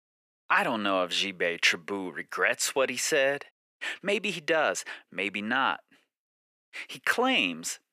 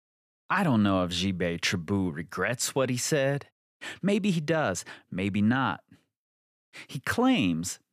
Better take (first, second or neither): second